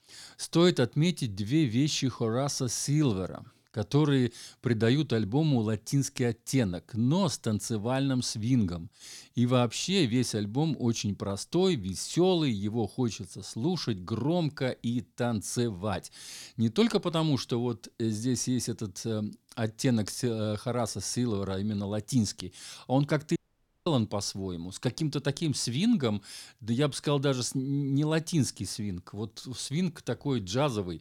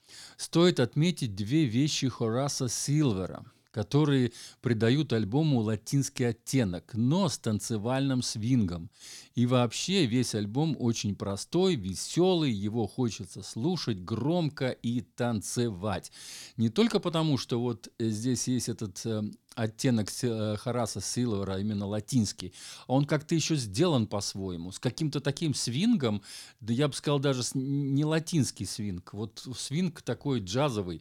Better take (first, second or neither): second